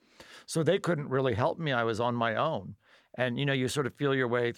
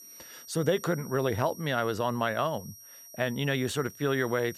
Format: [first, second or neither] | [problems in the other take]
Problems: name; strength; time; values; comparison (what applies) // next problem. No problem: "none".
first | high-pitched whine; noticeable; throughout; 5.5 kHz, 15 dB below the speech